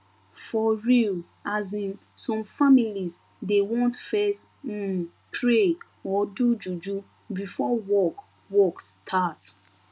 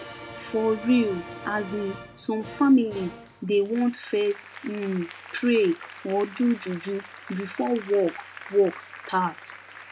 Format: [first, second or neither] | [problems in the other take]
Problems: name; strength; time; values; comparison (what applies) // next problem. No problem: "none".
first | background sound (Applause); 16 dB below the speech